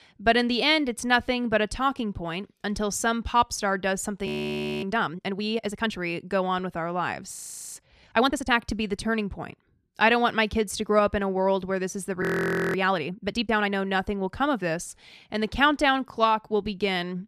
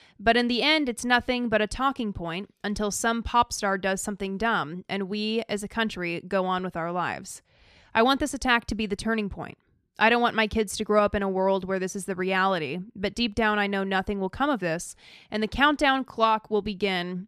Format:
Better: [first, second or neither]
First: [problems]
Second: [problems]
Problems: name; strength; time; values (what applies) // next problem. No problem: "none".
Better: second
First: audio freezing; at 4.5 s for 0.5 s, at 7.5 s and at 12 s for 0.5 s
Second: none